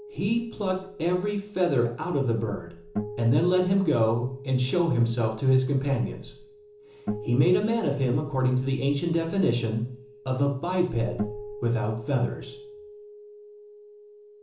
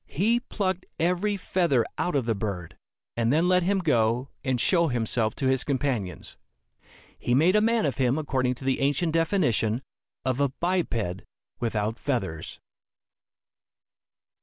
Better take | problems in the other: second | background sound (Acoustic guitar); 14 dB below the speech // room echo; dies away in 0.6 s

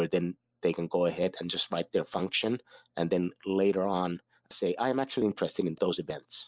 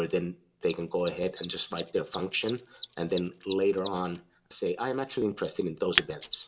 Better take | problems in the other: first | background sound (Mechanisms); 9 dB below the speech // room echo; dies away in 0.4 s

